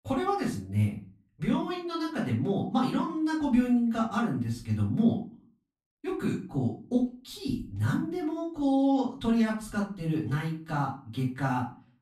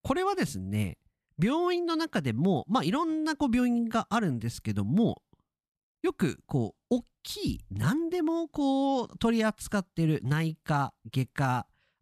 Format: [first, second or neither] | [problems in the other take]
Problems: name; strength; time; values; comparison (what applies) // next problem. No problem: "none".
second | off-mic speech; far // room echo; slight; dies away in 0.3 s